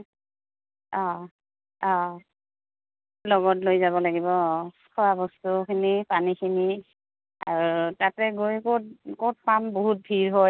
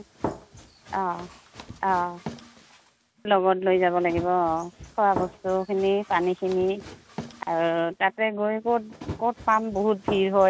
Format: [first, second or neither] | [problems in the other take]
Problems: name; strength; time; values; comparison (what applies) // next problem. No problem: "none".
first | background sound (Run); 14 dB below the speech